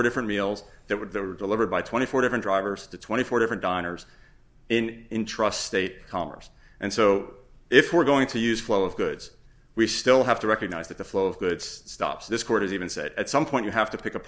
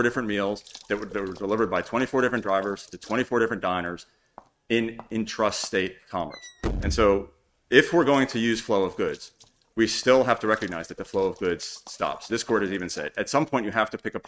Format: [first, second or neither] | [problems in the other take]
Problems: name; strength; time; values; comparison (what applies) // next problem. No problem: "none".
first | noise reduction (neural mask model RNNoise)